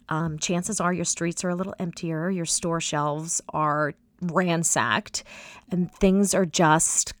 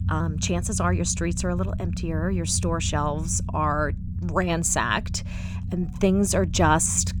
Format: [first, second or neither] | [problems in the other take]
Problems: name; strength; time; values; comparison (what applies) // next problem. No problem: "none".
first | low rumble; noticeable; throughout; 20 dB below the speech